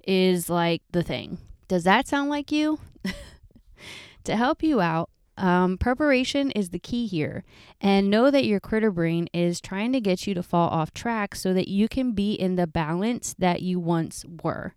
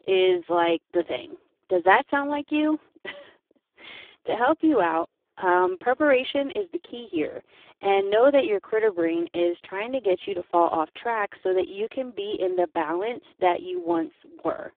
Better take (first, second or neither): first